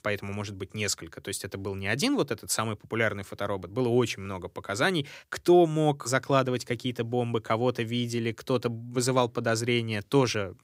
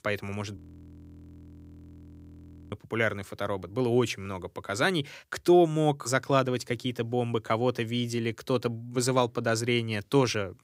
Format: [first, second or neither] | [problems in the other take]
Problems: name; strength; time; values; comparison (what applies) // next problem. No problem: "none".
first | audio freezing; at 0.5 s for 2 s